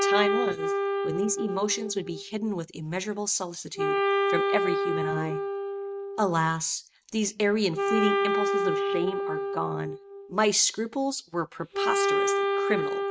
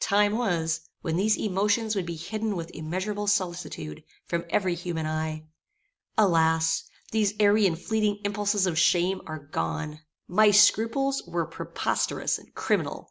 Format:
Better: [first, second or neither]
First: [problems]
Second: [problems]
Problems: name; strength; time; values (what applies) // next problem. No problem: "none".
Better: second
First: noise reduction (neural mask model RNNoise)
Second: none